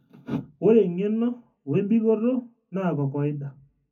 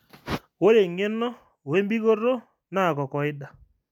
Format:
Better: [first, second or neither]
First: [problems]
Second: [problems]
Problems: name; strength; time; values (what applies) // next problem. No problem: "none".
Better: second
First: room echo; dies away in 0.3 s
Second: none